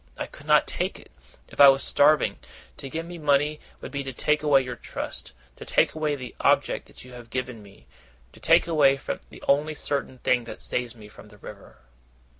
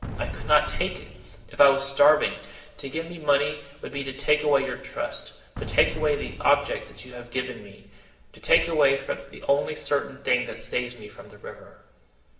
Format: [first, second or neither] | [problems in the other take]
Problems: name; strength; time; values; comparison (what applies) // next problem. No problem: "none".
first | background sound (Boom); 11 dB below the speech // room echo; dies away in 1.4 s